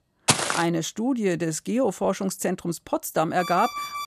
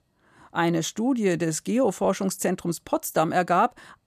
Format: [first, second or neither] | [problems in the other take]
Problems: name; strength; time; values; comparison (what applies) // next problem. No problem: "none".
second | footsteps; loud; at 0.5 s; peak 4 dB above the speech // alarm; noticeable; at 3.5 s; peak 5 dB below the speech